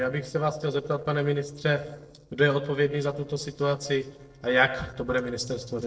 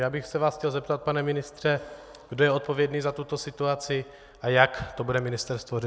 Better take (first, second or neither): second